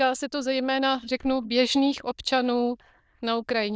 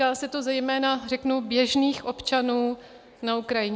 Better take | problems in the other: second | noise reduction (neural diffusion model UNIVERSE++)

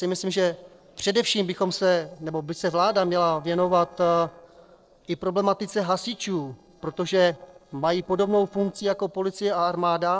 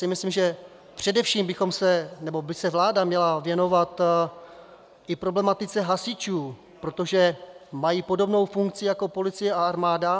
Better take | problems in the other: second | noise reduction (neural separator model SepFormer DNS4)

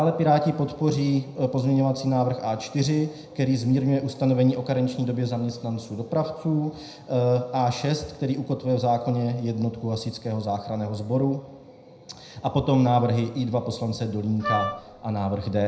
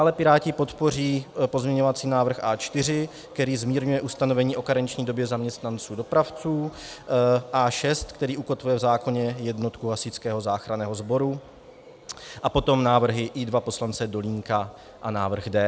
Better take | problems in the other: second | background sound (Wind instrument, woodwind instrument); 6 dB below the speech // room echo; dies away in 0.7 s

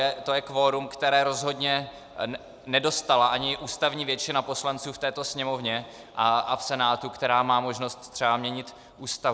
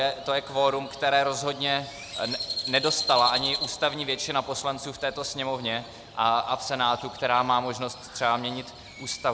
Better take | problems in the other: first | background sound (Crow); 10 dB below the speech

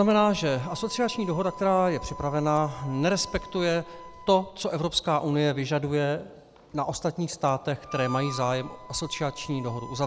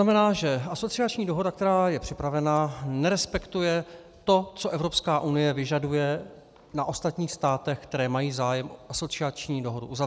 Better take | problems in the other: second | background sound (Harmonica); 16 dB below the speech

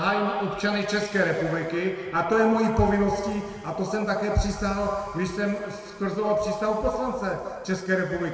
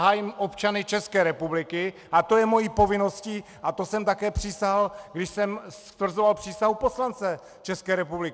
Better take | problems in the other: second | room echo; dies away in 2.2 s

